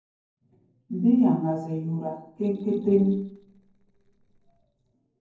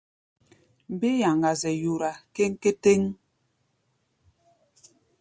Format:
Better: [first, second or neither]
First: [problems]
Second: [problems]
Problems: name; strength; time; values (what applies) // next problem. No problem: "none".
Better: second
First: noise reduction (neural separator model SepFormer DNS4)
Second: none